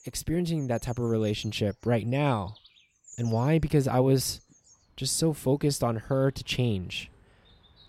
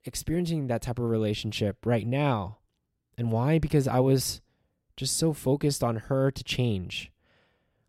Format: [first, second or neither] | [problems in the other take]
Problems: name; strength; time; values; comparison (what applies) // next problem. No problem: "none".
second | animal sounds; faint; throughout; 30 dB below the speech